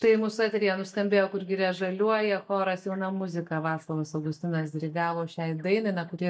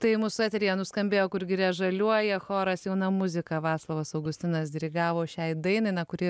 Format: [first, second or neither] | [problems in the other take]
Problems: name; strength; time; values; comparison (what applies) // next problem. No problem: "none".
second | noise reduction (neural mask model DeepFilterNet 3)